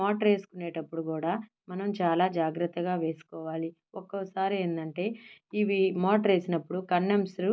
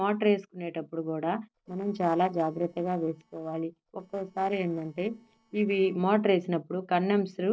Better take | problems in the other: first | noise reduction (neural separator model SepFormer DNS4)

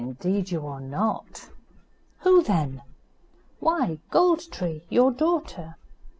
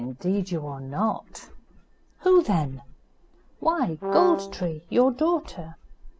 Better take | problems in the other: first | background sound (Brass instrument); 3 dB below the speech

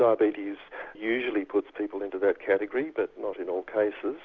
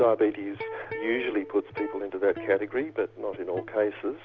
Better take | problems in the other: first | background sound (Electric guitar); 13 dB below the speech

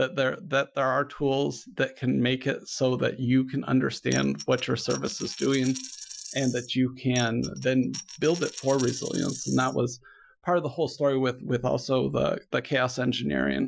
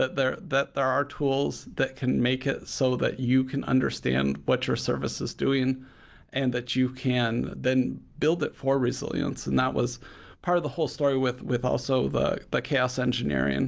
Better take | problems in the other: second | noise reduction (classical method Wiener filter)

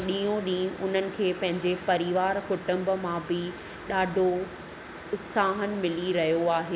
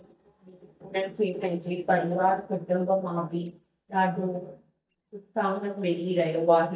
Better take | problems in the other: first | noise reduction (neural mask model DeepFilterNet 3)

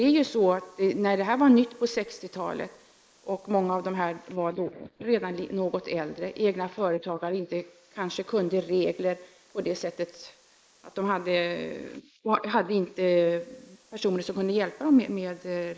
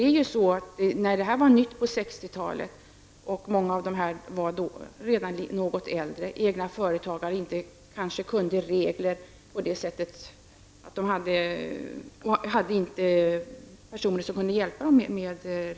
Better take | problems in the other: second | noise reduction (neural mask model Resemble Enhance denoiser)

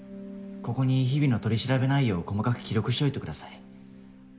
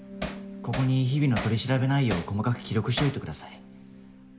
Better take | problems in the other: first | background sound (Hammer); 11 dB below the speech

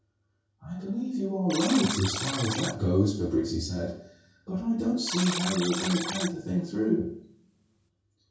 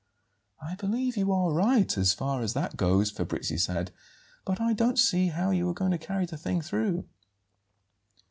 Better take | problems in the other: second | background sound (Alarm); 8 dB below the speech // room echo; dies away in 0.6 s

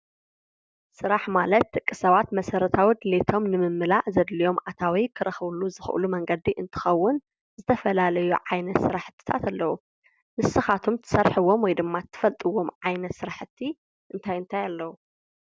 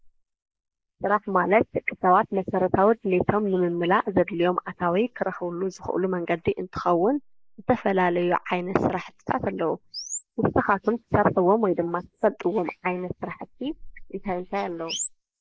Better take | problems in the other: first | noise reduction (neural mask model Resemble Enhance denoiser)

